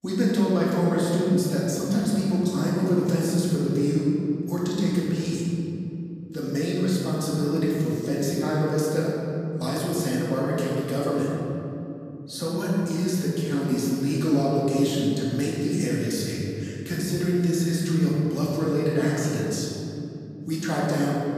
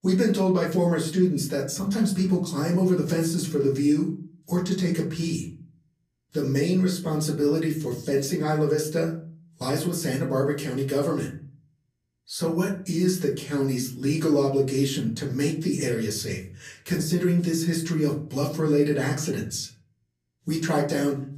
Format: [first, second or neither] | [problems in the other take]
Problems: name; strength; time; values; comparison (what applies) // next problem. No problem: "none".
second | room echo; strong; dies away in 2.9 s; slight in the second // off-mic speech; far; far in the second